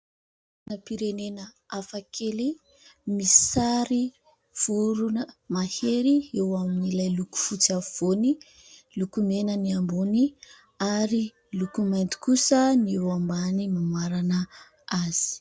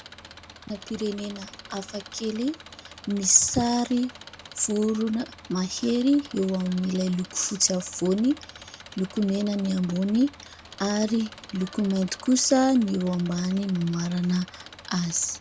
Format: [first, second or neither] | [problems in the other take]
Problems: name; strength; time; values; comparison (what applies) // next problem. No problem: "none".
first | background sound (Engine); 19 dB below the speech